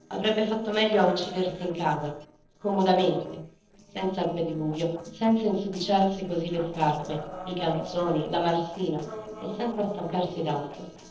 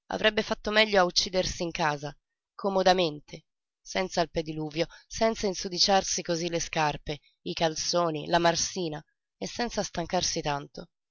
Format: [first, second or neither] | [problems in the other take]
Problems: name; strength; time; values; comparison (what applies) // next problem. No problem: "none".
second | noise reduction (neural separator model SepFormer DNS4)